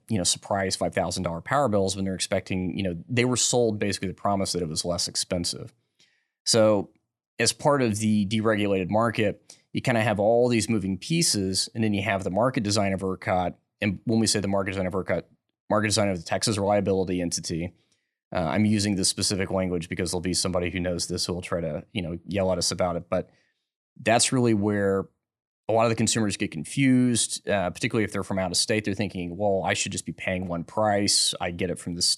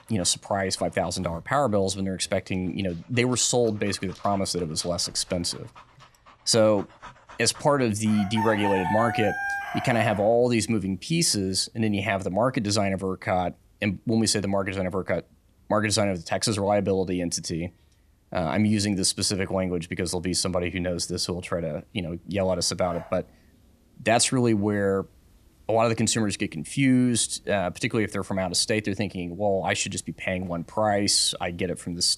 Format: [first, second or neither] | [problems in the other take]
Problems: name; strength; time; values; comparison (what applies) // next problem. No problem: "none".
first | animal sounds; noticeable; throughout; 10 dB below the speech